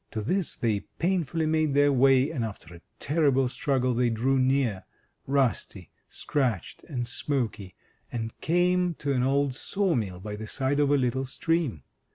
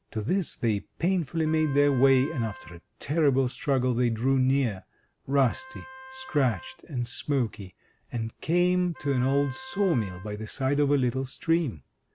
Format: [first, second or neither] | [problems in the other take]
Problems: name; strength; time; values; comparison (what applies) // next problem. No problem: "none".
first | background sound (Wind instrument, woodwind instrument); 20 dB below the speech